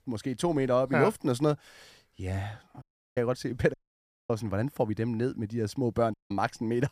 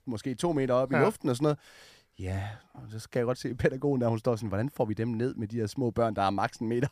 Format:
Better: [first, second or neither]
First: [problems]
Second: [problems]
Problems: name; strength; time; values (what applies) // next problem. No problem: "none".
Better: second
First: audio cutting out; at 3 s, at 3.5 s for 0.5 s and at 6 s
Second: none